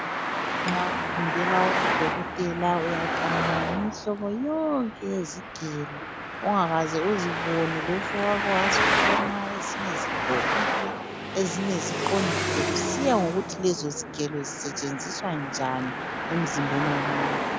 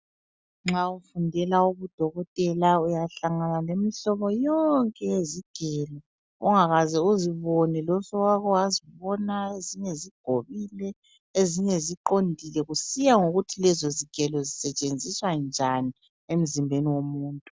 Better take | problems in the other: second | background sound (Traffic noise, roadway noise); 1 dB above the speech

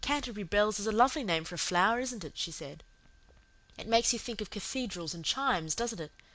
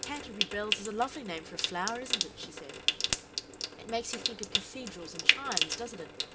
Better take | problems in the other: first | background sound (Trickle, dribble / Sink (filling or washing) / Water tap, faucet); 5 dB above the speech // room echo; dies away in 0.3 s

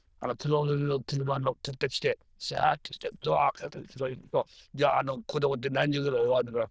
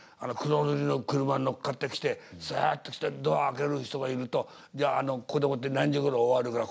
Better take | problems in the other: second | noise reduction (neural diffusion model UNIVERSE++)

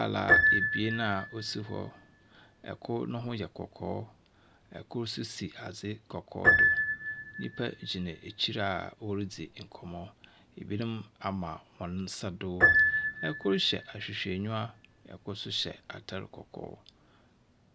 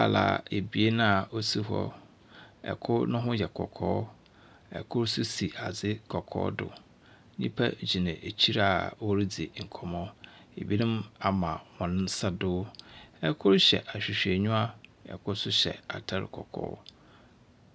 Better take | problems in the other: second | background sound (Piano); 3 dB above the speech

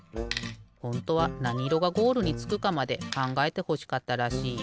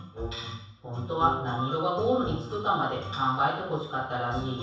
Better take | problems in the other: first | room echo; dies away in 0.7 s

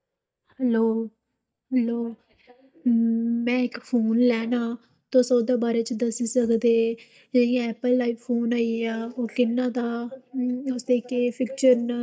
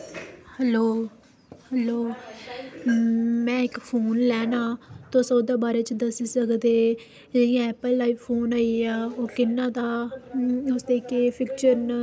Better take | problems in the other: second | noise reduction (neural mask model DeepFilterNet 3)

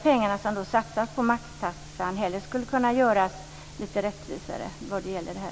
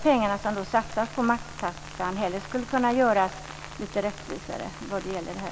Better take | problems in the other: first | background sound (Rain); 15 dB below the speech

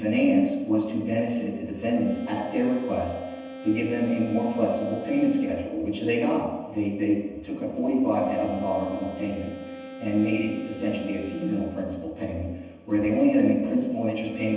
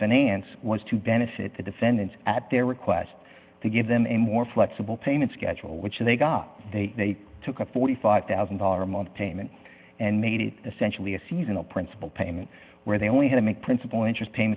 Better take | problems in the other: second | background sound (Wind instrument, woodwind instrument); 16 dB below the speech // room echo; dies away in 1.1 s

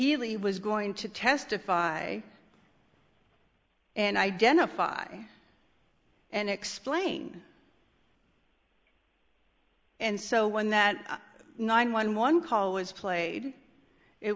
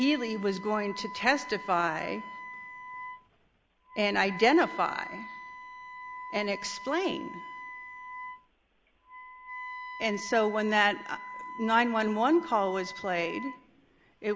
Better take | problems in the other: first | background sound (Wind instrument, woodwind instrument); 12 dB below the speech

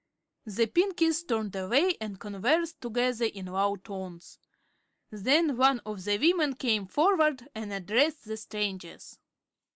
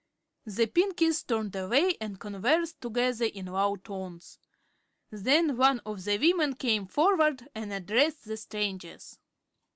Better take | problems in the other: second | noise reduction (neural mask model Resemble Enhance denoiser)

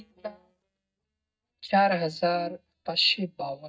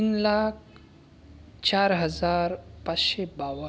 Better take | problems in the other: second | noise reduction (neural mask model DeepFilterNet 3)

